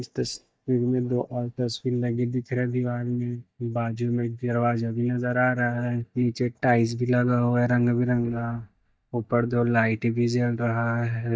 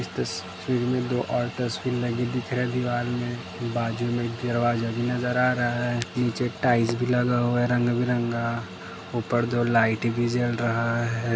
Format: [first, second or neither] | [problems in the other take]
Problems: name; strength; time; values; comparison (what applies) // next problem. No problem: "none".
second | noise reduction (neural mask model DeepFilterNet 3)